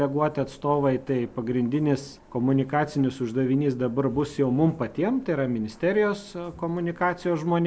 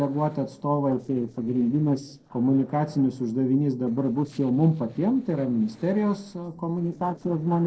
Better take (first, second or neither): first